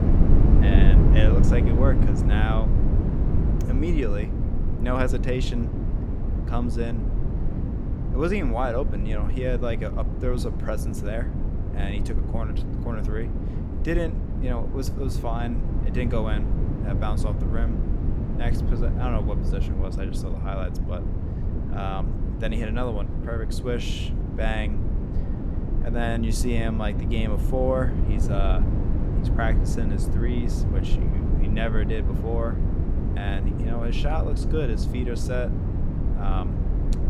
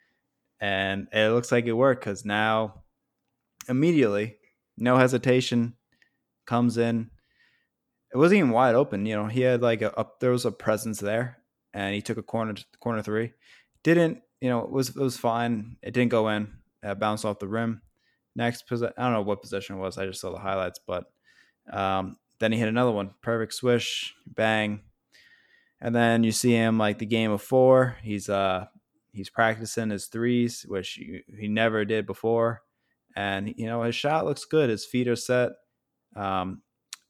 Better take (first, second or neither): second